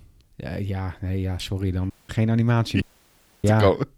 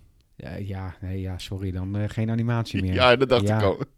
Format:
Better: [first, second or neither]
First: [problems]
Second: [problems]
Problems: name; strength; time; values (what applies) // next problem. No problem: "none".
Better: second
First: audio cutting out; at 2 s and at 3 s for 0.5 s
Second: none